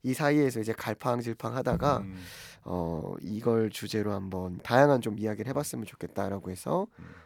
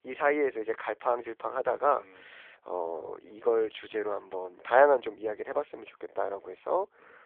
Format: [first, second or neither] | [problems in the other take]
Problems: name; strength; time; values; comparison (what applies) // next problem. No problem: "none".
first | phone-call audio; poor line; nothing above 3.5 kHz